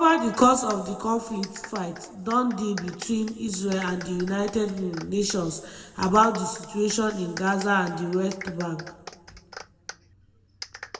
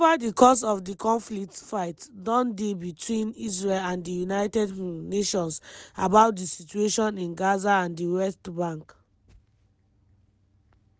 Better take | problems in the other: second | background sound (Clapping); 17 dB below the speech // room echo; dies away in 1.6 s

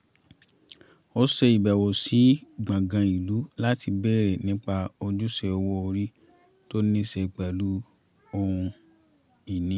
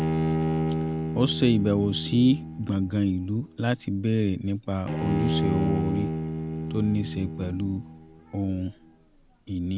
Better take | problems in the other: first | background sound (Bowed string instrument); 3 dB below the speech

